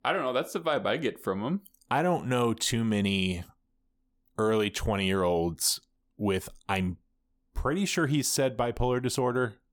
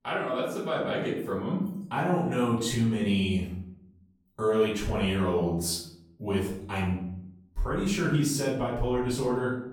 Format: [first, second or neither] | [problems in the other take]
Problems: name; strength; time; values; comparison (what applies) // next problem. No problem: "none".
first | off-mic speech; far // room echo; noticeable; dies away in 0.7 s